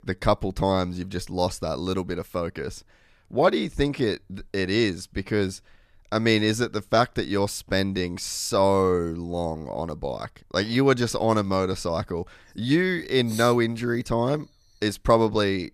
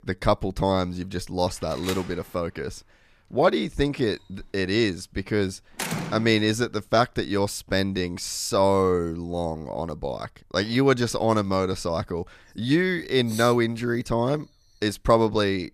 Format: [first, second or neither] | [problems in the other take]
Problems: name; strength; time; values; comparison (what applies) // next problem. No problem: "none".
first | door banging; noticeable; from 1.5 to 6.5 s; peak 5 dB below the speech